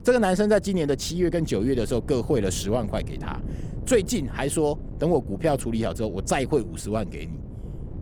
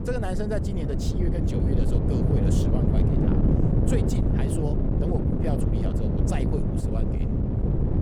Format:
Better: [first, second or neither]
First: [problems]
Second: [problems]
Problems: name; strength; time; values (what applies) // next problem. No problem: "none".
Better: first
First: wind noise on the microphone; occasional gusts; 20 dB below the speech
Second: wind noise on the microphone; heavy; 3 dB above the speech